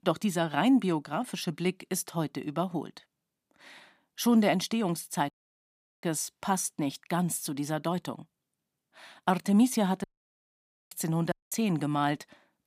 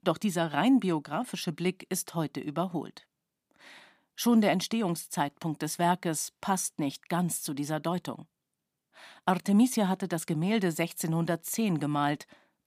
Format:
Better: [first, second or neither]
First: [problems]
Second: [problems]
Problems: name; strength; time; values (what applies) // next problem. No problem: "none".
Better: second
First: audio cutting out; at 5.5 s for 0.5 s, at 10 s for 1 s and at 11 s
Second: none